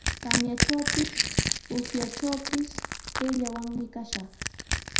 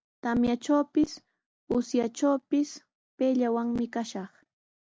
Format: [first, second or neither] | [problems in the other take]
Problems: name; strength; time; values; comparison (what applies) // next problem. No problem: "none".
second | background sound (Crushing); 2 dB above the speech // room echo; dies away in 0.5 s